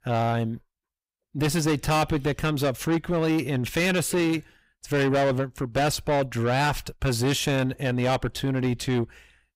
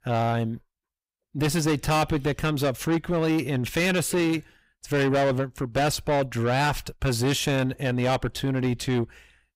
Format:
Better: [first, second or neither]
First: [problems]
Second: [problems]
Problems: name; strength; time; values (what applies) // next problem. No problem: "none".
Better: neither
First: distortion; heavy; 7 dB below the speech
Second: distortion; heavy; 7 dB below the speech